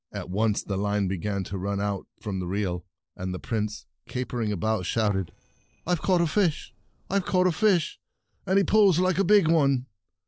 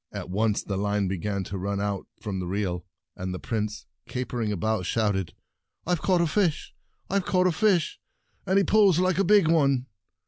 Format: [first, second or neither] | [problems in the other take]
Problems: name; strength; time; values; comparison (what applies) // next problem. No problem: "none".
second | noise reduction (neural separator model SepFormer DNS4)